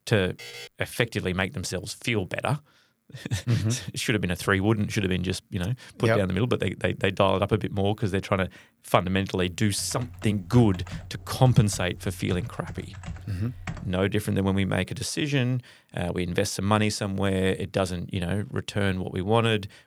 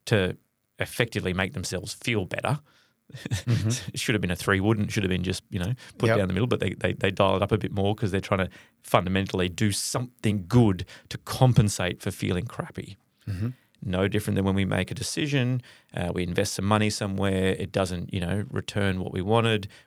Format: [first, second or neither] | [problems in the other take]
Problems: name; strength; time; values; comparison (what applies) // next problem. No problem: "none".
second | alarm; faint; at 0.5 s; peak 15 dB below the speech // keyboard typing; faint; from 10 to 14 s; peak 10 dB below the speech